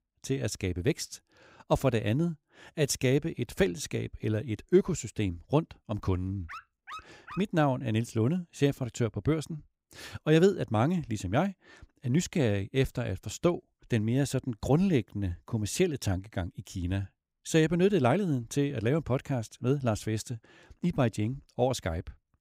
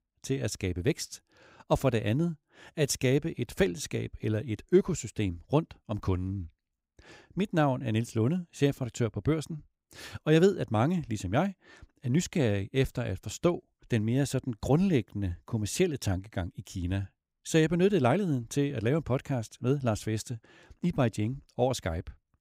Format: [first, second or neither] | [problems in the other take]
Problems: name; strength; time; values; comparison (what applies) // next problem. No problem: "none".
second | dog barking; faint; at 6.5 s; peak 15 dB below the speech